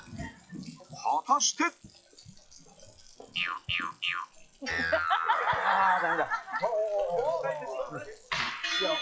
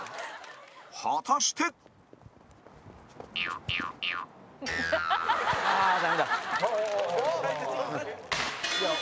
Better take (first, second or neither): second